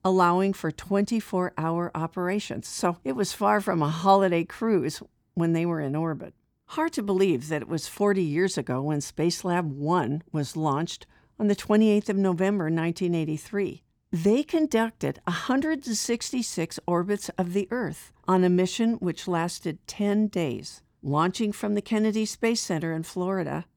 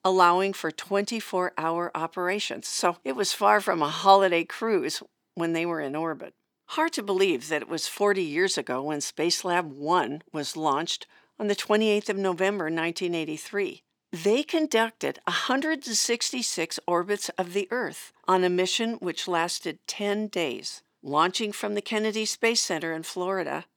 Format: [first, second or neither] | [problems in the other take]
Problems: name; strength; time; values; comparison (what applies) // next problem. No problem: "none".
first | thin; somewhat; fading below 350 Hz